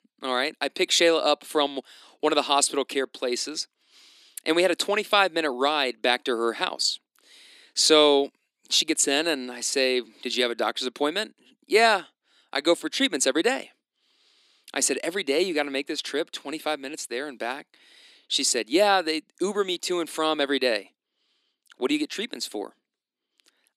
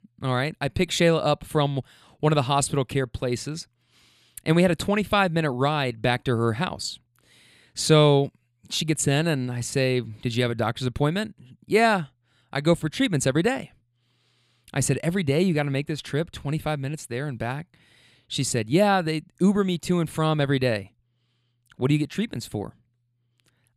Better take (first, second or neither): second